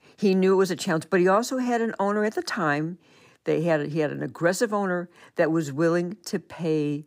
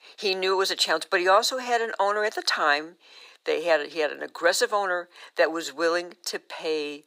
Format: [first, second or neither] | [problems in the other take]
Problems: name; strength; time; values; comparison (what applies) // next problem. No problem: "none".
first | thin; very; fading below 500 Hz